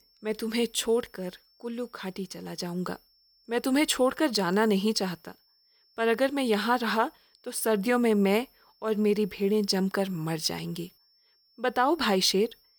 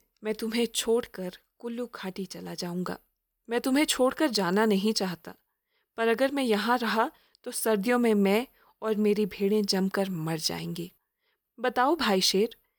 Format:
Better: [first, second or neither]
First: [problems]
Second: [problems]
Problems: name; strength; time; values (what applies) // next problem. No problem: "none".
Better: second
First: high-pitched whine; faint; throughout; 5.5 kHz, 35 dB below the speech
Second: none